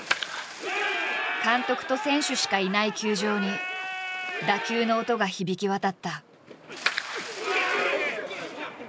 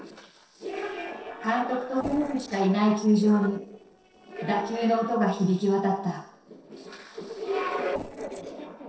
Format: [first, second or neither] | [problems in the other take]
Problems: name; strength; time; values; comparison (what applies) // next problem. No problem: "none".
first | noise reduction (neural separator model SepFormer DNS4)